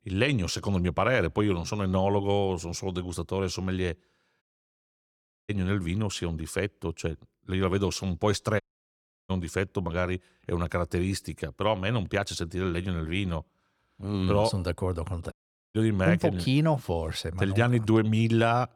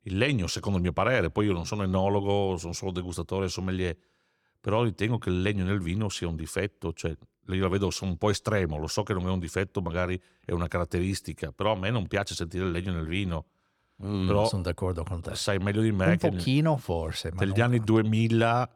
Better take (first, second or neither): second